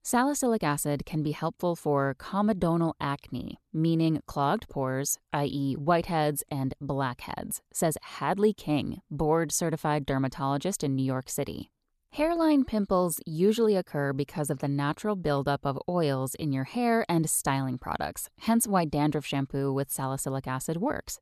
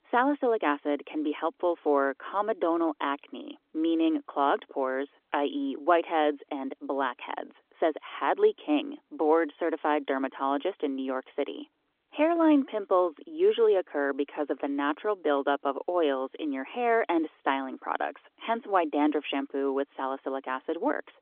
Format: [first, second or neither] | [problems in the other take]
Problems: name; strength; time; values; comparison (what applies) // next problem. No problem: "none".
first | phone-call audio; nothing above 3.5 kHz